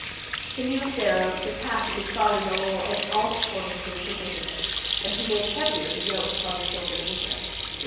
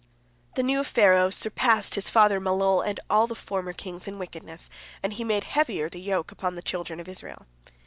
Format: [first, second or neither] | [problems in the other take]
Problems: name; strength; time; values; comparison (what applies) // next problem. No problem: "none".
second | background sound (Sink (filling or washing) / Hands); 2 dB below the speech // room echo; dies away in 1.2 s